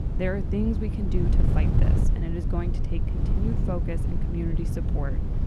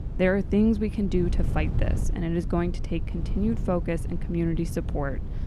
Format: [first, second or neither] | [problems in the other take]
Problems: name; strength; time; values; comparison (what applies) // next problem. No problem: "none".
second | wind noise on the microphone; heavy; 2 dB below the speech; occasional gusts in the second